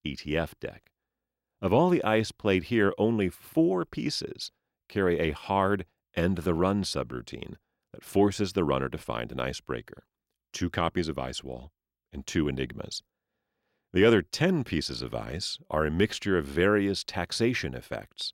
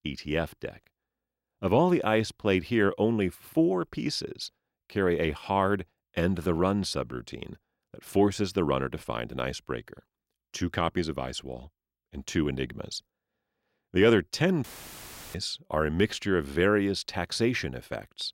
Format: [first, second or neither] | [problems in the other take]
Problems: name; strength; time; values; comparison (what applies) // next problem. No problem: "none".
first | audio cutting out; filled with static; at 15 s for 0.5 s